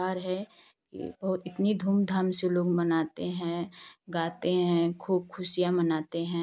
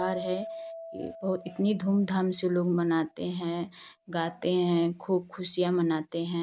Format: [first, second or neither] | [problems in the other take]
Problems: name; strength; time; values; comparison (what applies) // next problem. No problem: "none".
first | background sound (Keyboard (musical)); 16 dB below the speech